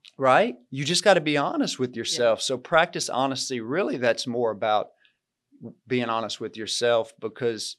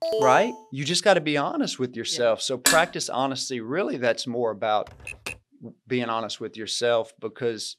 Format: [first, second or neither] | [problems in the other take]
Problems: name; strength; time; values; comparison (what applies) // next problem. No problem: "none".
first | alarm; loud; at the start; peak level with the speech // clattering dishes; loud; at 2.5 s; peak 3 dB above the speech // keyboard typing; faint; at 5 s; peak 10 dB below the speech